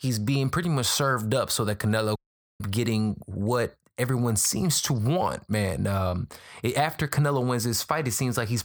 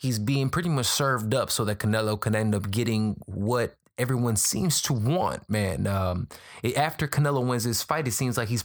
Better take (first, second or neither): second